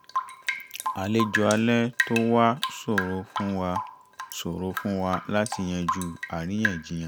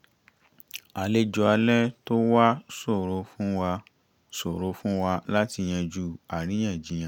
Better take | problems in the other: second | background sound (Drip / Rain); 6 dB below the speech

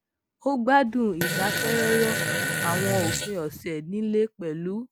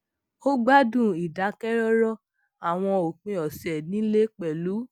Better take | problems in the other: second | background sound (Fart); 1 dB below the speech

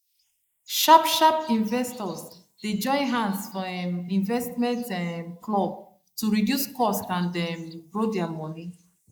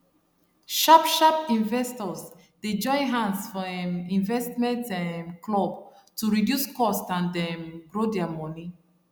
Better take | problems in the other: second | noise reduction (neural mask model Resemble Enhance denoiser)

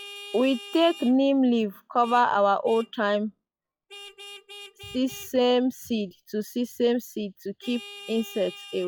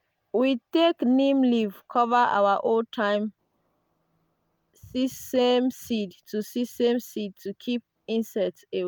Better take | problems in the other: second | noise reduction (classical method log-MMSE)

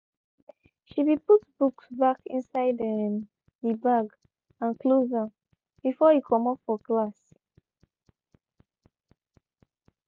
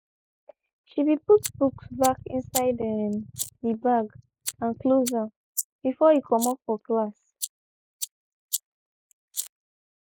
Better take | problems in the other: first | noise reduction (neural mask model Resemble Enhance denoiser)

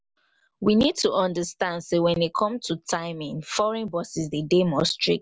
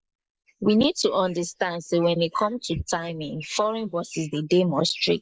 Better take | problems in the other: first | noise reduction (neural mask model Resemble Enhance denoiser)

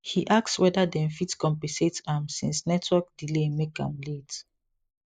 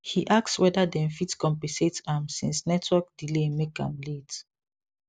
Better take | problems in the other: second | noise reduction (neural mask model Resemble Enhance denoiser)

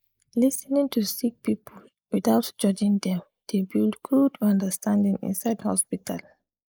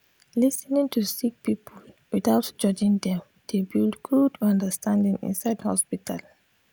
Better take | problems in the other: second | noise reduction (neural mask model Resemble Enhance denoiser)

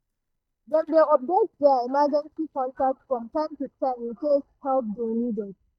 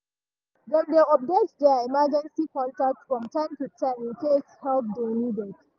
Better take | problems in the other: second | noise reduction (neural mask model DeepFilterNet 3)

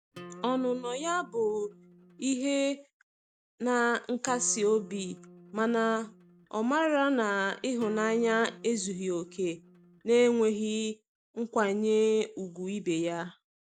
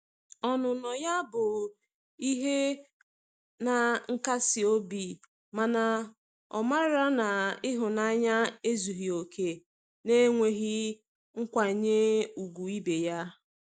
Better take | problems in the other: second | background sound (Acoustic guitar); 20 dB below the speech

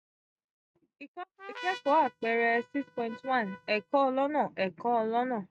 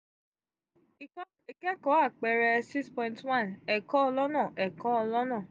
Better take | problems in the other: second | noise reduction (neural mask model RNNoise)

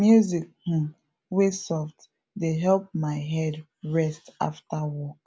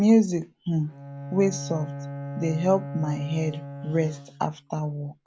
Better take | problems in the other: first | background sound (Bowed string instrument); 11 dB below the speech

